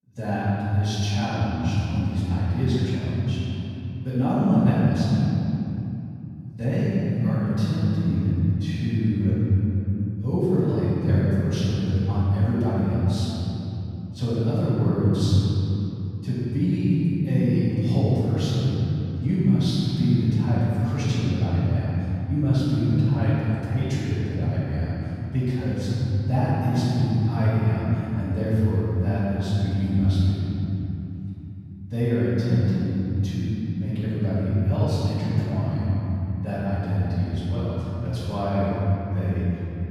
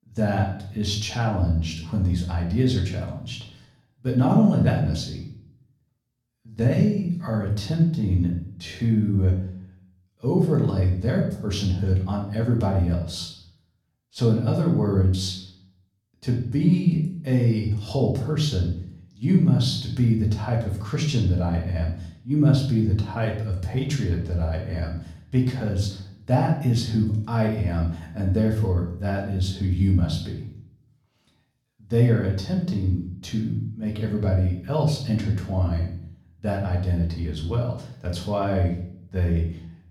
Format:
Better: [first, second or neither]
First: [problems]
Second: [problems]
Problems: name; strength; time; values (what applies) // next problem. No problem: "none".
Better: second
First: room echo; strong; dies away in 3 s // off-mic speech; far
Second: room echo; slight; dies away in 0.6 s // off-mic speech; far